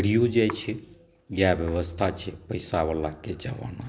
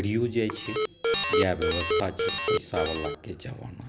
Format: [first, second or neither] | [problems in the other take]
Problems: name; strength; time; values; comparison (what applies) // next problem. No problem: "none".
first | background sound (Alarm); 3 dB above the speech